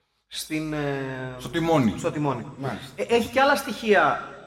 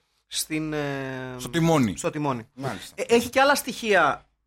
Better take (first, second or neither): second